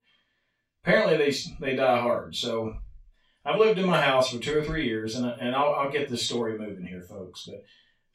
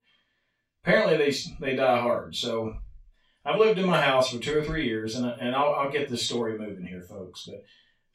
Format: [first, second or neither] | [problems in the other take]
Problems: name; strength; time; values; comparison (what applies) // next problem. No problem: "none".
neither | room echo; noticeable; dies away in 0.2 s; the same in both // off-mic speech; far; the same in both